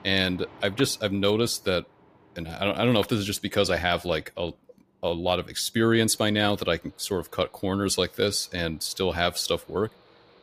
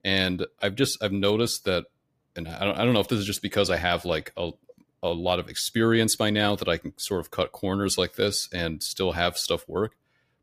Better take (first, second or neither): second